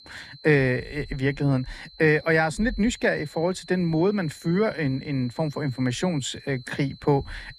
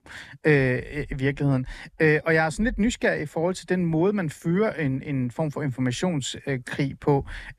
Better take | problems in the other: second | high-pitched whine; faint; throughout; 4 kHz, 20 dB below the speech

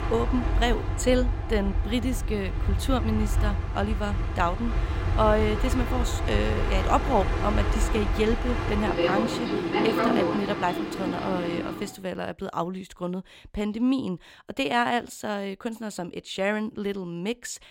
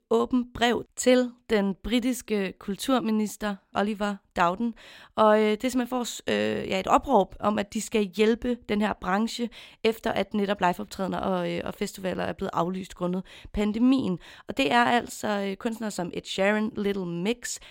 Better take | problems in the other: second | train or aircraft noise; very loud; until 12 s; as loud as the speech

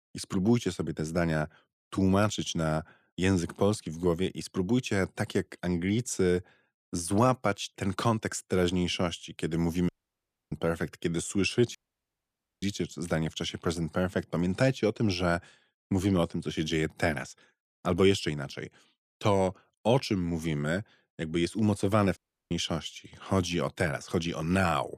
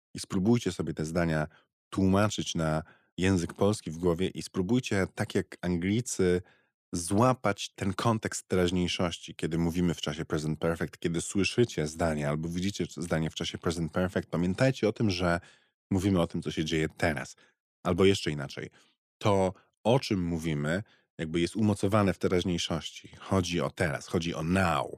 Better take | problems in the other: second | audio cutting out; at 10 s for 0.5 s, at 12 s for 1 s and at 22 s

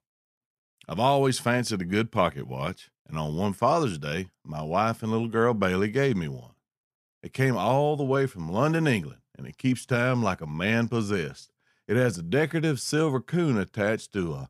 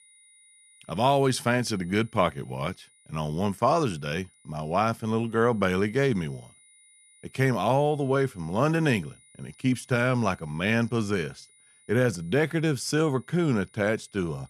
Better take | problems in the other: first | high-pitched whine; faint; throughout; 9.5 kHz, 30 dB below the speech

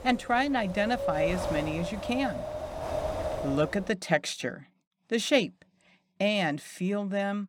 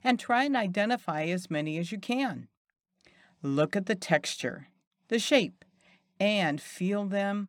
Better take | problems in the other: second | wind noise on the microphone; heavy; until 4 s; 4 dB below the speech

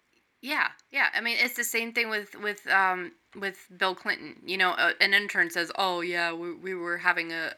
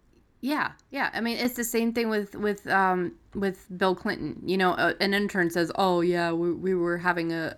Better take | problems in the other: second | thin; somewhat; fading below 900 Hz

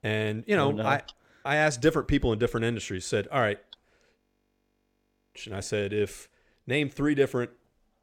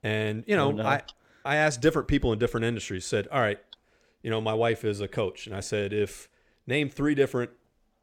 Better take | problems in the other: second | audio freezing; at 4 s for 1 s

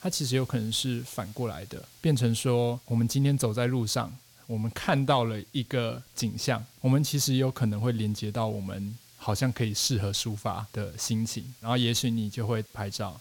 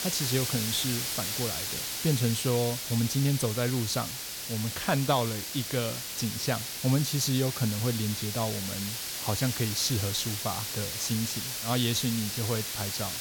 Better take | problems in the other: first | hiss; loud; throughout; 2 dB below the speech; faint in the first

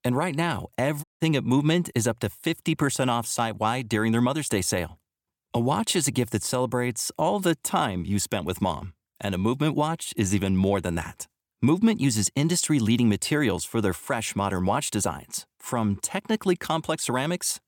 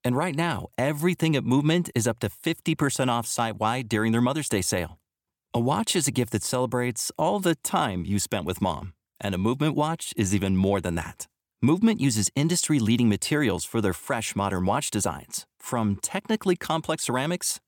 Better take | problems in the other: second | audio cutting out; at 1 s

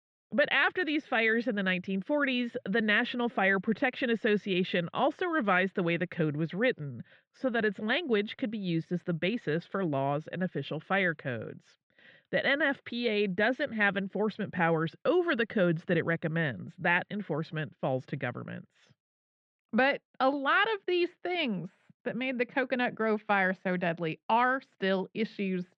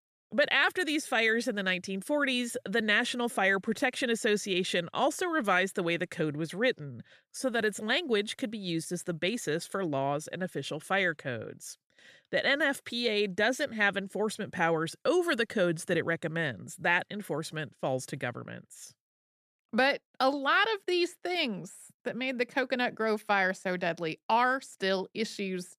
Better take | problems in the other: second | muffled; slightly; fading above 3.5 kHz

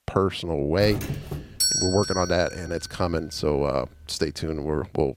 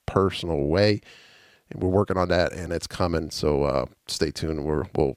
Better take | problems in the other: second | doorbell; loud; from 1 to 2.5 s; peak 5 dB above the speech

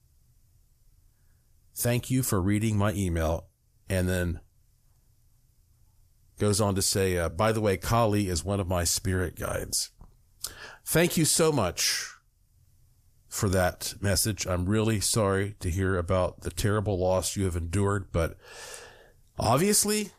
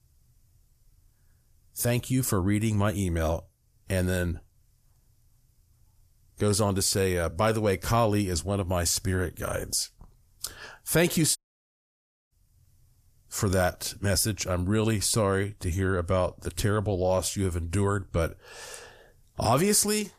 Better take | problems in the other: first | audio cutting out; at 11 s for 1 s

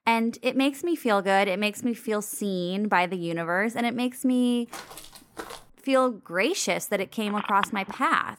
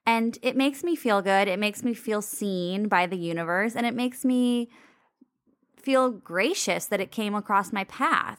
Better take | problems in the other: second | footsteps; faint; from 4.5 to 5.5 s; peak 15 dB below the speech // phone ringing; noticeable; at 7.5 s; peak 7 dB below the speech

